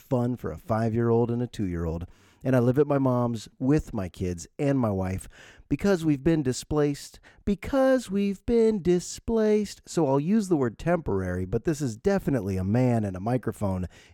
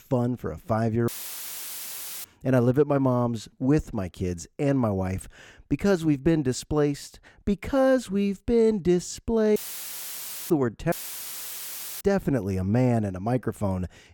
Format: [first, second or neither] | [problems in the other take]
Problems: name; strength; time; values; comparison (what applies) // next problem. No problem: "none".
first | audio cutting out; filled with static; at 1 s for 1 s, at 9.5 s for 1 s and at 11 s for 1 s